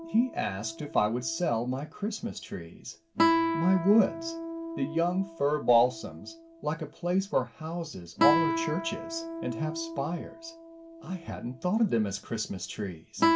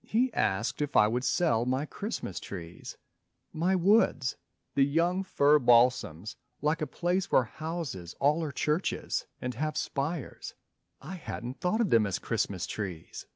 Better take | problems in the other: second | background sound (Guitar); 4 dB below the speech // room echo; dies away in 0.2 s

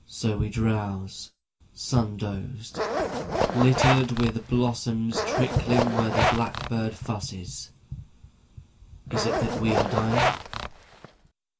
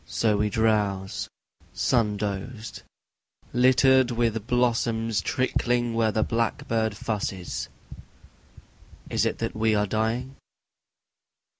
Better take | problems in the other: second | background sound (Zipper (clothing)); as loud as the speech // room echo; dies away in 0.2 s

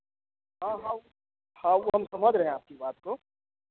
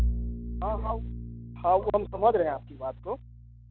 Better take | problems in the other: first | background sound (Bowed string instrument); 5 dB below the speech

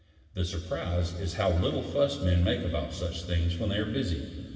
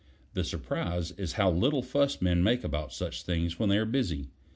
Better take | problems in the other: second | room echo; dies away in 2.7 s

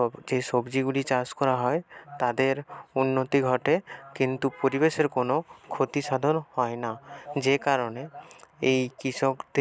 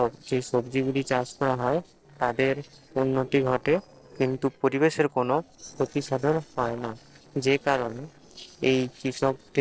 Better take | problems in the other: first | noise reduction (neural separator model SepFormer DNS4)

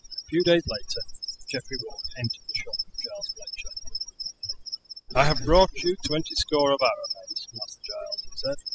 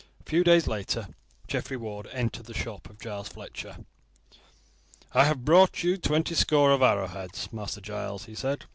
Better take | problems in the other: second | noise reduction (classical method spectral subtraction)

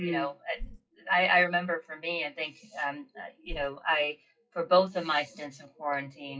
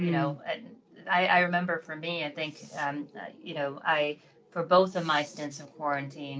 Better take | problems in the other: second | noise reduction (classical method WPE with log-MMSE)

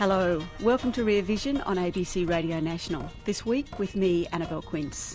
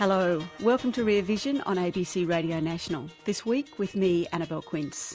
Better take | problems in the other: second | background sound (Drip / Sink (filling or washing)); 15 dB below the speech

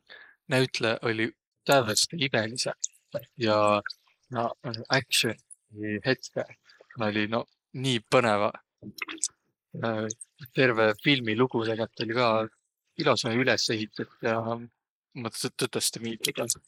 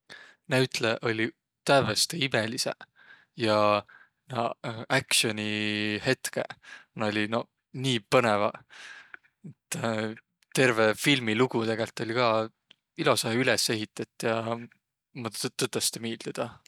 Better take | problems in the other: second | noise reduction (neural mask model Resemble Enhance denoiser)

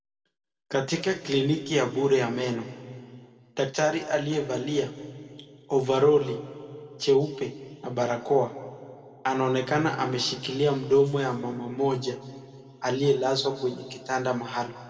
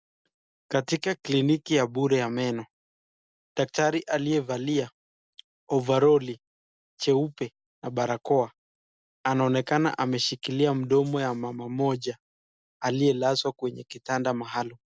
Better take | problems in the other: second | room echo; dies away in 2 s

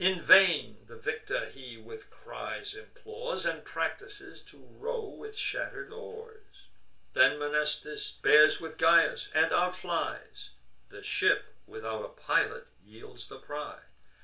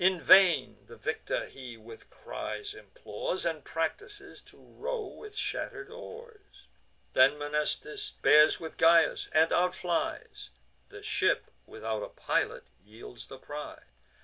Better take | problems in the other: second | room echo; dies away in 0.2 s

